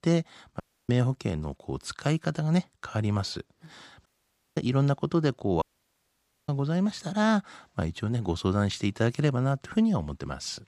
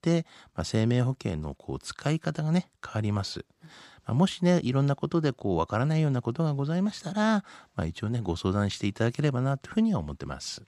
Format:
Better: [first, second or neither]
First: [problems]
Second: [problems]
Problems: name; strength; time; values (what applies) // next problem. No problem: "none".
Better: second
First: audio cutting out; at 0.5 s, at 4 s for 0.5 s and at 5.5 s for 1 s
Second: none